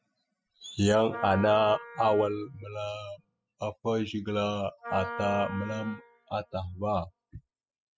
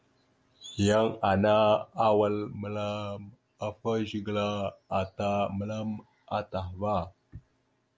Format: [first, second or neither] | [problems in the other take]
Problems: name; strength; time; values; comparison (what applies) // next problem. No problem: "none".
second | noise reduction (classical method spectral subtraction)